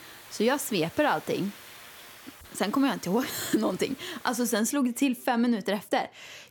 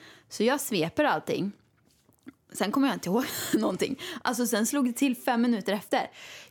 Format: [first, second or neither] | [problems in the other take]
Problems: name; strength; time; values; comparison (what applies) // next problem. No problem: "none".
second | hiss; noticeable; until 4.5 s; 20 dB below the speech